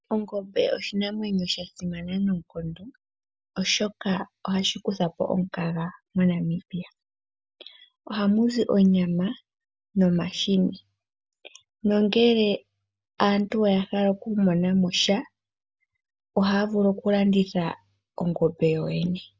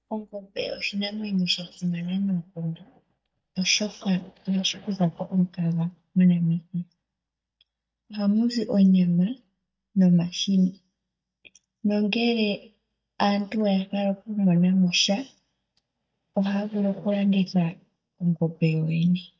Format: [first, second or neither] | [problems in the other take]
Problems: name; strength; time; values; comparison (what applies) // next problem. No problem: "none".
first | noise reduction (neural mask model DeepFilterNet 3)